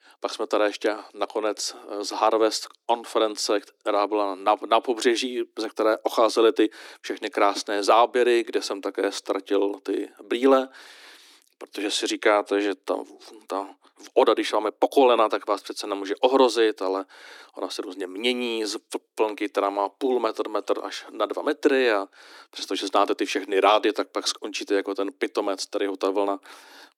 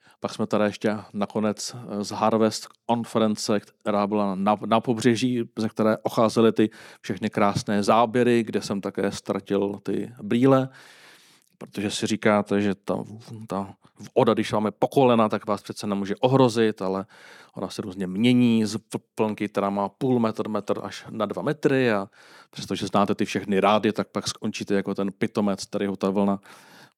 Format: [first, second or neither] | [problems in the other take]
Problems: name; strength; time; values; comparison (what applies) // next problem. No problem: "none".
second | thin; somewhat; fading below 300 Hz